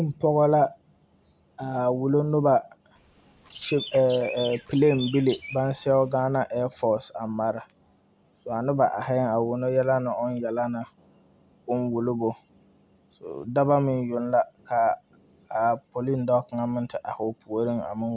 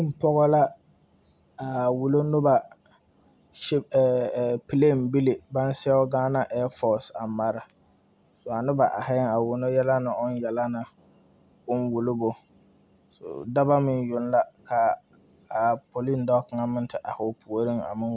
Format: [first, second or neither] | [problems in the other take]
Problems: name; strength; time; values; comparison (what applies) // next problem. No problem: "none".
second | background sound (Chirp, tweet); 15 dB below the speech